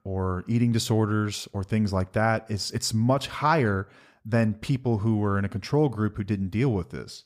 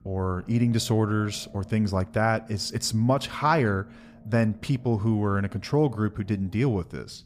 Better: first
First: none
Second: low rumble; faint; throughout; 25 dB below the speech

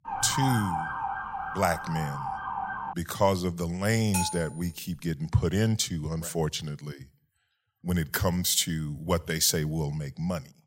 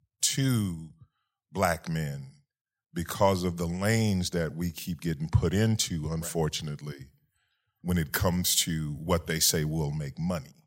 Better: second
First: siren; noticeable; until 3 s; peak 2 dB below the speech // clattering dishes; noticeable; at 4 s; peak 3 dB below the speech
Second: none

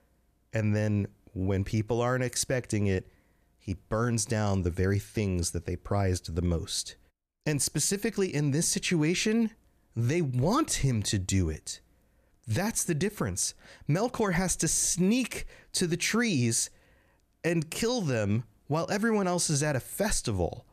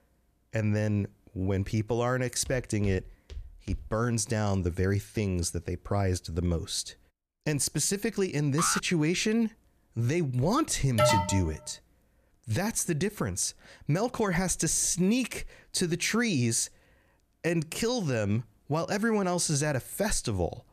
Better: first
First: none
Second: footsteps; faint; from 2.5 to 4 s; peak 15 dB below the speech // alarm; noticeable; at 8.5 s; peak 3 dB below the speech // alarm; loud; at 11 s; peak 4 dB above the speech

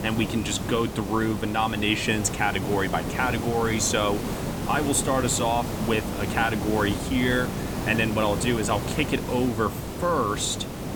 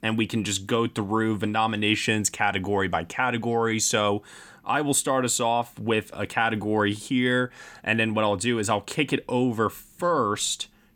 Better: second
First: hiss; loud; throughout; 5 dB below the speech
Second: none

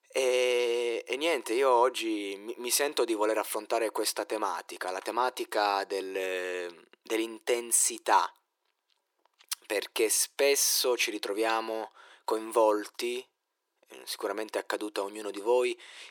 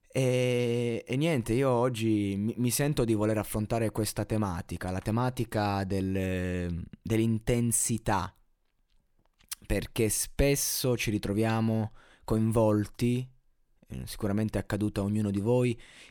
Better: second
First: thin; very; fading below 350 Hz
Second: none

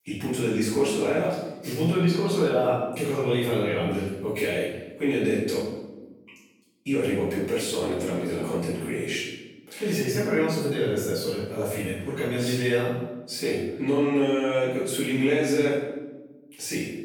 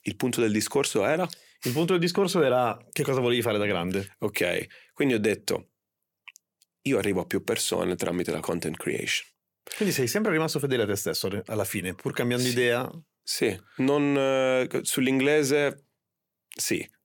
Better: second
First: off-mic speech; far // room echo; strong; dies away in 1 s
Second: none

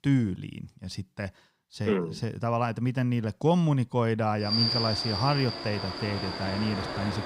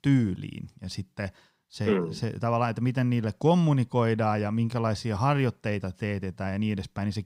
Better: second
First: train or aircraft noise; loud; from 4.5 s on; 2 dB below the speech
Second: none

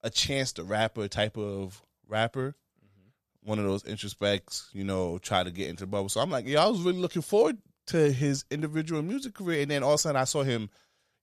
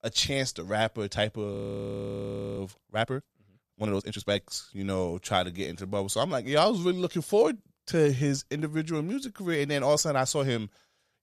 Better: first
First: none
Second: audio freezing; at 1.5 s for 1 s

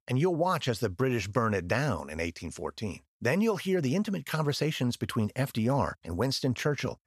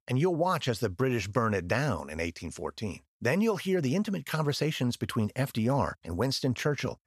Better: neither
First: none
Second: none

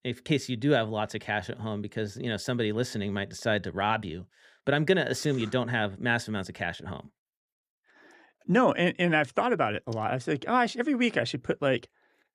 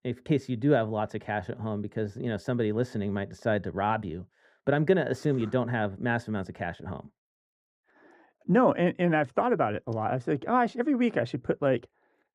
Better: first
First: none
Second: muffled; slightly; fading above 2 kHz

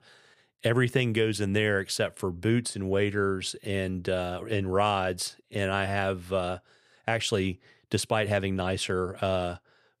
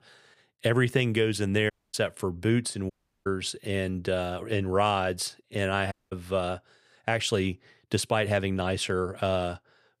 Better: first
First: none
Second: audio cutting out; at 1.5 s, at 3 s and at 6 s

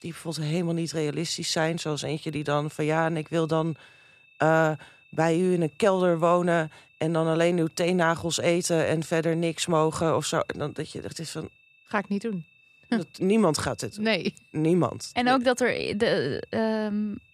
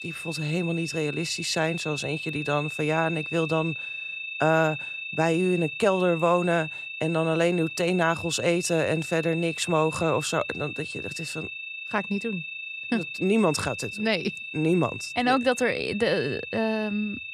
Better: first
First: high-pitched whine; faint; throughout; 2.5 kHz, 30 dB below the speech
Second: high-pitched whine; loud; throughout; 2.5 kHz, 7 dB below the speech

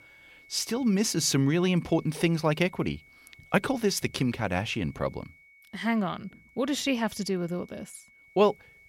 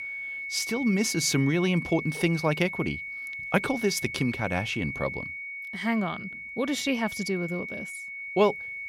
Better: first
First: high-pitched whine; faint; throughout; 2 kHz, 25 dB below the speech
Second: high-pitched whine; loud; throughout; 2 kHz, 7 dB below the speech

